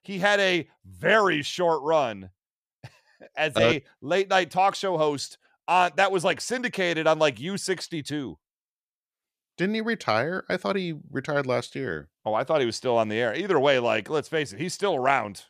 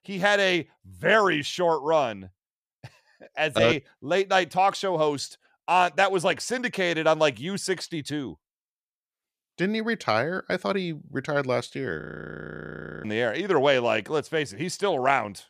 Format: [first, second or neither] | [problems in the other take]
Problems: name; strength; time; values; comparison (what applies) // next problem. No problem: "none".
first | audio freezing; at 12 s for 1 s